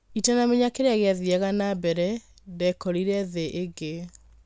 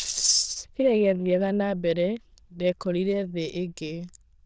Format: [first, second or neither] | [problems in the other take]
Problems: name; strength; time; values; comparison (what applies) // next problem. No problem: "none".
first | noise reduction (neural diffusion model UNIVERSE++)